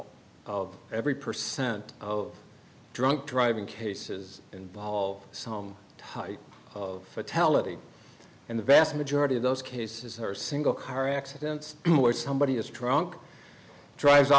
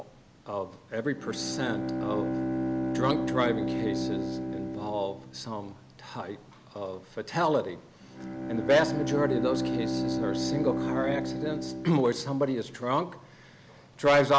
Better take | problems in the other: first | background sound (Bowed string instrument); 3 dB below the speech

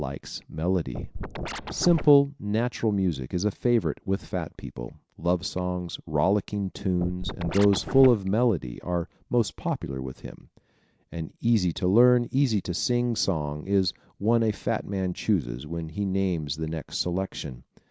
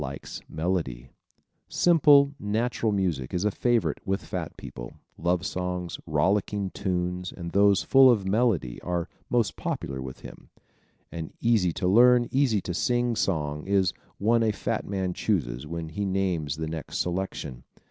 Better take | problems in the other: second | background sound (Scratching (performance technique)); 7 dB below the speech

